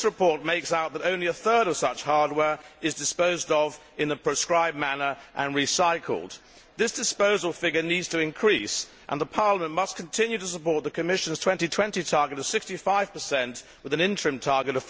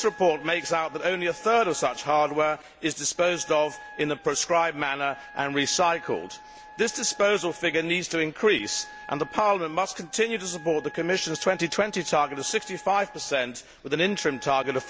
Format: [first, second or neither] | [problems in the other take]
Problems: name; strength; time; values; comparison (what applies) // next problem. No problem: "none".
first | background sound (Wind instrument, woodwind instrument); 20 dB below the speech